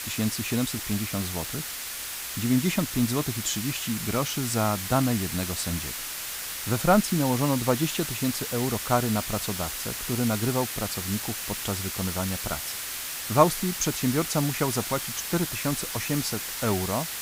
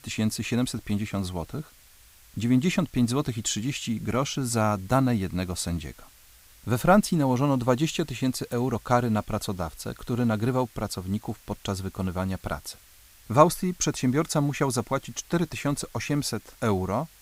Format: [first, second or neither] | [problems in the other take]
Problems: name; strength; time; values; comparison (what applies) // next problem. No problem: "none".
second | hiss; loud; throughout; 3 dB below the speech; faint in the second